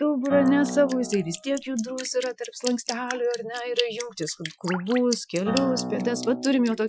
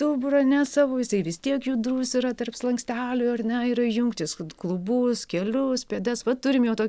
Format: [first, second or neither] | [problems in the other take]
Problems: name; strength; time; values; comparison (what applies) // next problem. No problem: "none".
second | noise reduction (classical method Wiener filter)